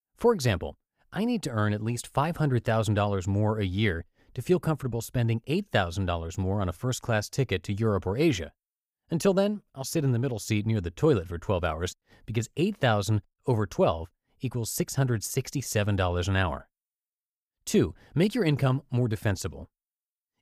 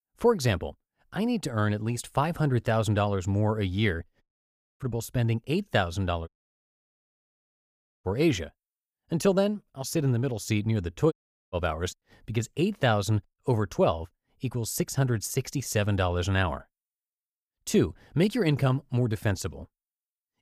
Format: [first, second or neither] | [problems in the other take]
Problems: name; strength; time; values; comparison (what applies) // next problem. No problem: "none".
first | audio cutting out; at 4 s for 0.5 s, at 6.5 s for 2 s and at 11 s